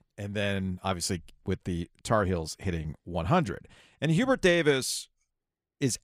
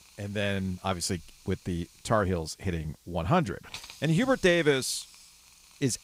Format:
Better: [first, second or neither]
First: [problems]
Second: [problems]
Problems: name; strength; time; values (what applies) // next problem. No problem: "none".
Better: first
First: none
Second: hiss; faint; throughout; 20 dB below the speech